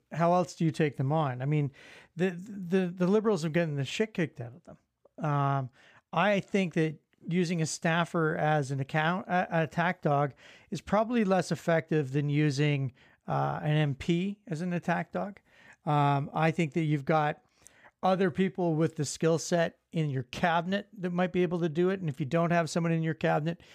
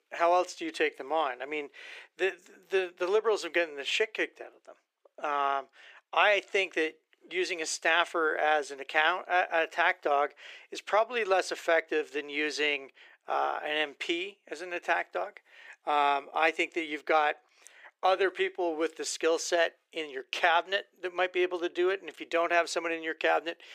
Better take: first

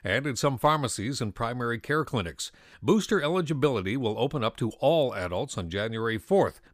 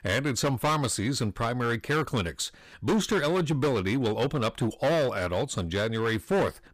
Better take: first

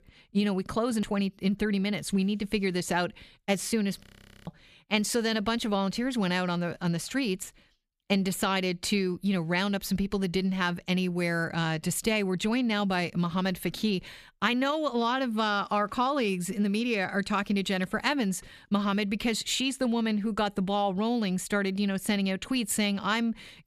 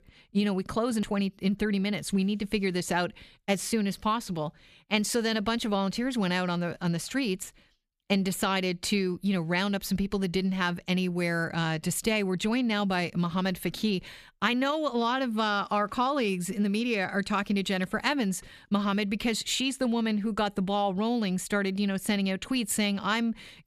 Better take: second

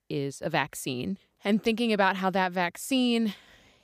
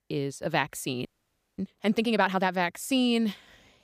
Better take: first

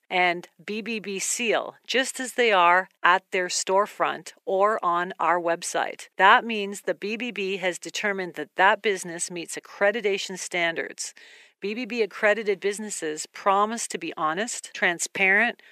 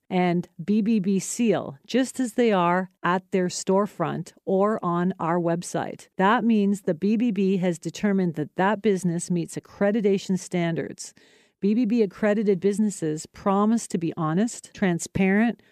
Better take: second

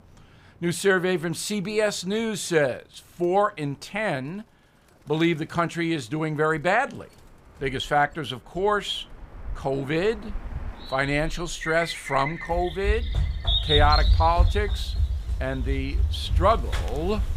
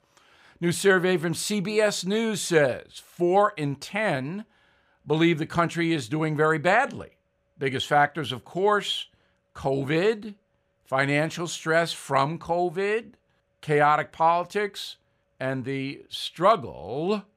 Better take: second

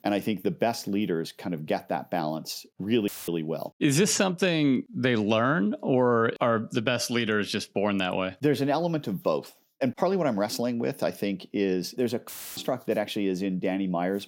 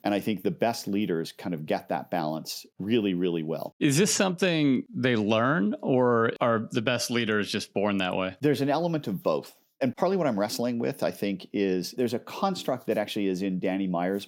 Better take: second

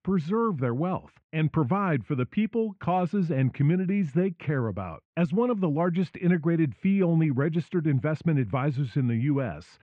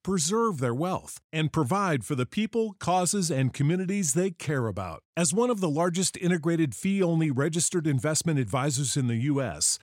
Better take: second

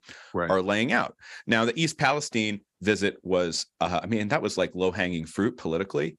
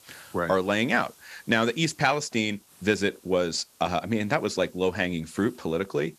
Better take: first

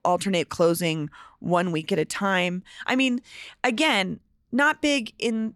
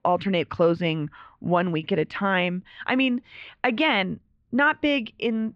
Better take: first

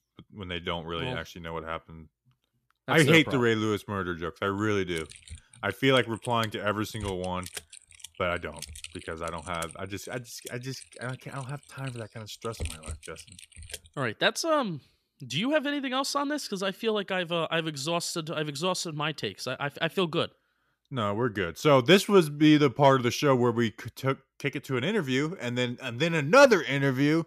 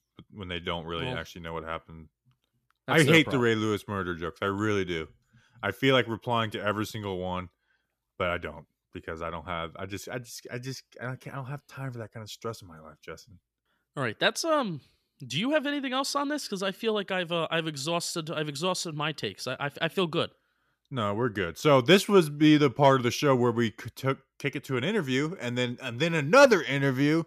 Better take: second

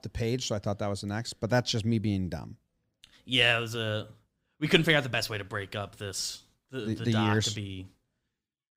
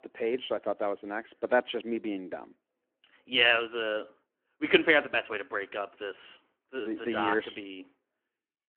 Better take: first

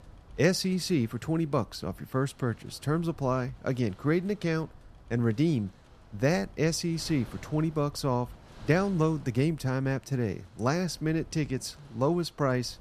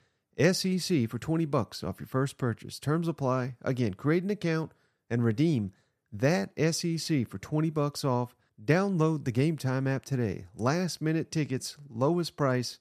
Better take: second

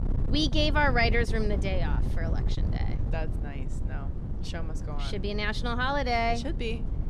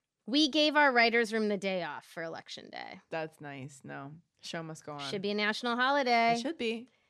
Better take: second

